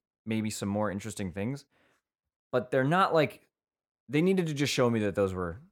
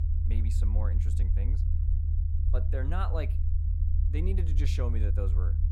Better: first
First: none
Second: low rumble; loud; throughout; 5 dB below the speech

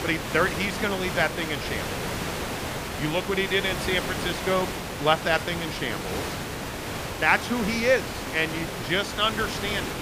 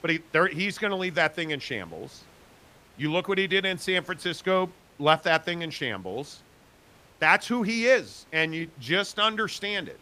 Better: second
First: hiss; loud; throughout; 5 dB below the speech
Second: hiss; faint; throughout; 30 dB below the speech

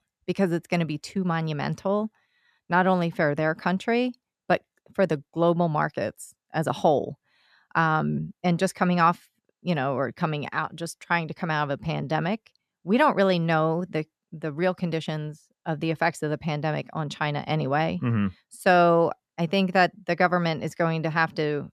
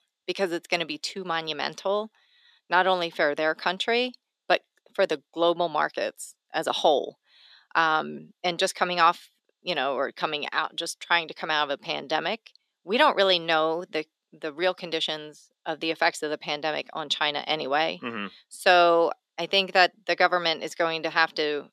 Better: first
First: none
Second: thin; somewhat; fading below 350 Hz

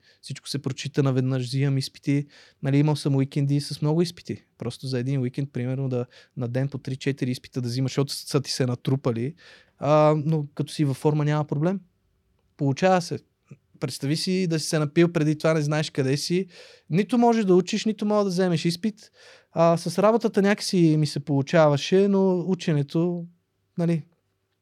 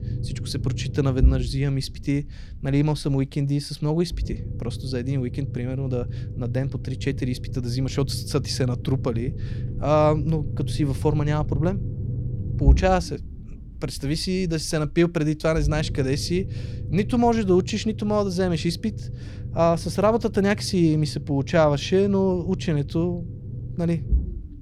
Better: first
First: none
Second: low rumble; noticeable; throughout; 15 dB below the speech

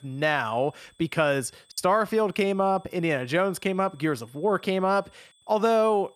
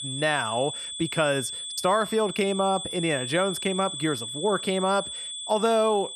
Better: first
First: high-pitched whine; faint; throughout; 3.5 kHz, 35 dB below the speech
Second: high-pitched whine; loud; throughout; 3.5 kHz, 6 dB below the speech

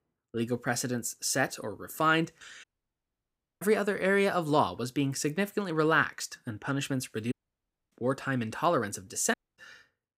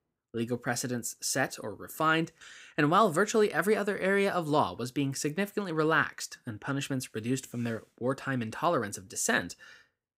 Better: second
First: audio cutting out; at 2.5 s for 1 s, at 7.5 s for 0.5 s and at 9.5 s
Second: none

